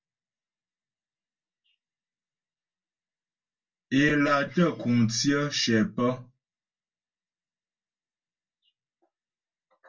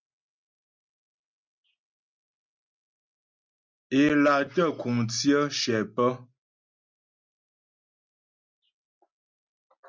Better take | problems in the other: second | room echo; dies away in 0.1 s

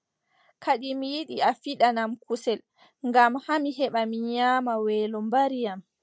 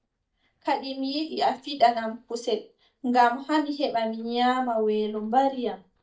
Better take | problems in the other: first | noise reduction (neural mask model DeepFilterNet 3)

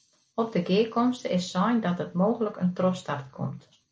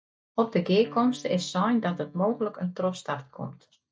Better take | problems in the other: first | noise reduction (neural mask model DeepFilterNet 3)

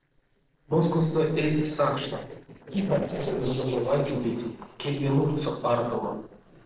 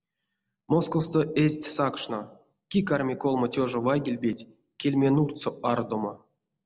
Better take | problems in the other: second | noise reduction (neural separator model SepFormer DNS4)

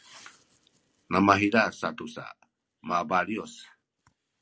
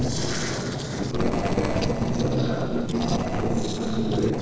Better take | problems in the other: first | noise reduction (neural separator model SepFormer DNS4)

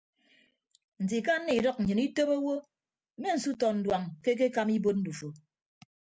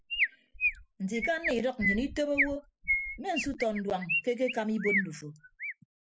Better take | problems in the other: first | noise reduction (neural mask model Resemble Enhance denoiser)

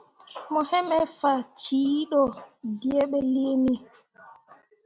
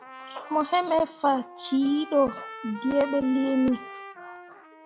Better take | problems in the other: first | background sound (Trumpet); 16 dB below the speech

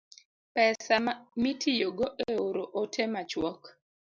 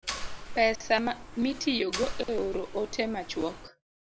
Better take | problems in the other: first | background sound (Mechanisms); 8 dB below the speech

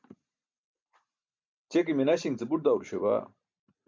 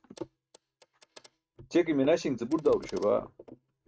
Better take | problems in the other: first | noise reduction (neural mask model RNNoise)

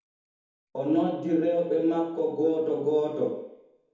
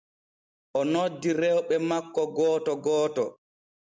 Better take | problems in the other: second | room echo; dies away in 2 s

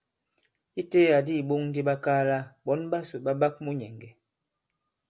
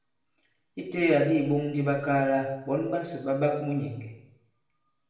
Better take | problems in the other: first | room echo; dies away in 0.8 s

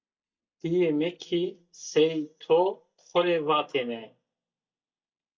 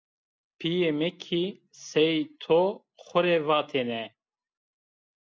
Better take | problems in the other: second | noise reduction (neural mask model DeepFilterNet 3)

